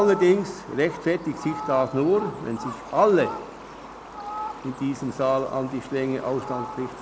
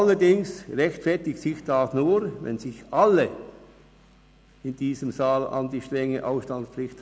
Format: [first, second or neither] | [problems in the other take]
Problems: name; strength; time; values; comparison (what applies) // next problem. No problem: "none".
second | background sound (Fowl); 12 dB below the speech